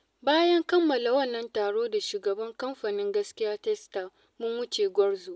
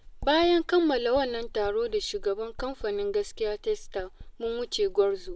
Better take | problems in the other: first | background sound (Writing); 14 dB below the speech

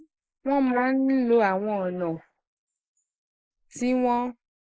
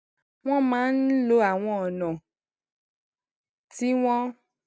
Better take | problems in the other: second | noise reduction (neural mask model Resemble Enhance denoiser)

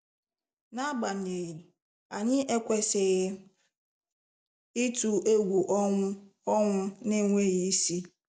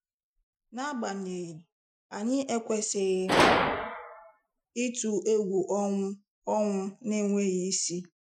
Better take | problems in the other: first | noise reduction (classical method Wiener filter)

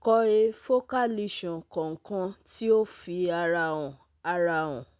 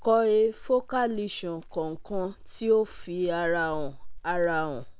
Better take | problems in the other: first | background sound (Chirp, tweet); 11 dB below the speech

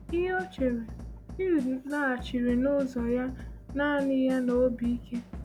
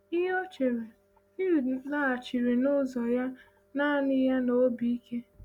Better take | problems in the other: second | background sound (Drum / Drum kit); 13 dB below the speech

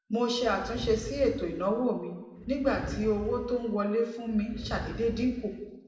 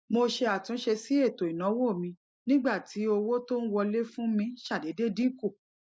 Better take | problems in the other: second | background sound (Animal); 12 dB below the speech // room echo; dies away in 1 s

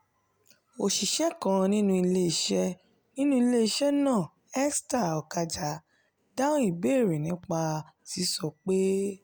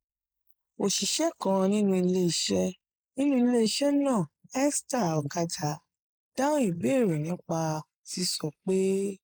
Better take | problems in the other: first | noise reduction (neural mask model Resemble Enhance denoiser)

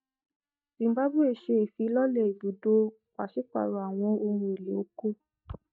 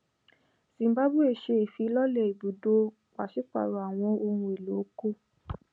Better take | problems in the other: second | noise reduction (neural mask model DeepFilterNet 3)

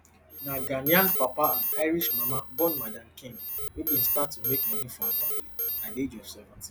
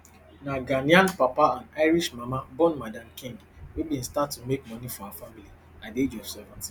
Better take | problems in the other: second | background sound (Alarm); 2 dB above the speech

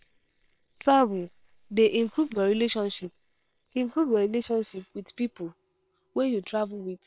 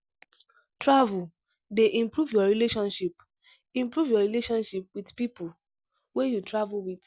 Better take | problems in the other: second | noise reduction (neural separator model SepFormer WHAM!)

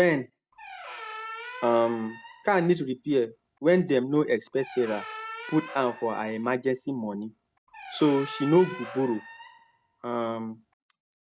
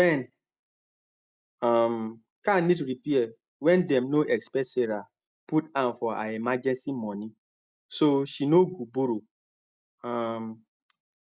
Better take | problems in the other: second | background sound (Squeak); 15 dB below the speech

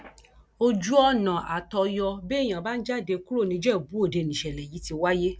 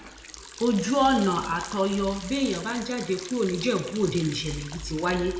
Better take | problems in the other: first | background sound (Liquid); 15 dB below the speech // room echo; dies away in 0.9 s

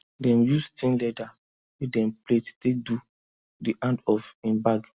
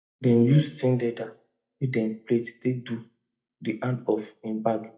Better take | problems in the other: first | noise reduction (neural mask model DeepFilterNet 3)

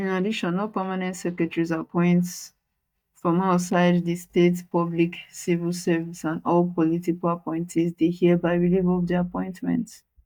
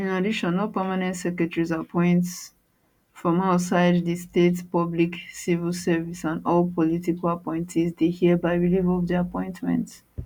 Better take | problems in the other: second | noise reduction (neural mask model DeepFilterNet 3)

